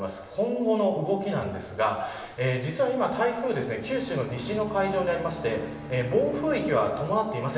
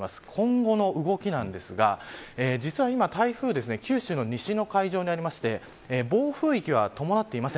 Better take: second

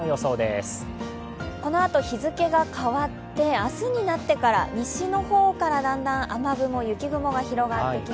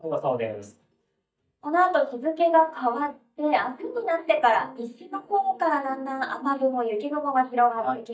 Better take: first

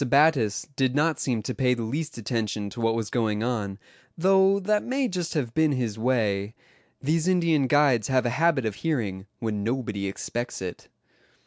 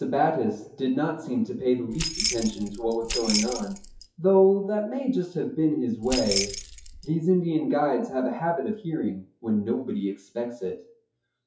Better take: first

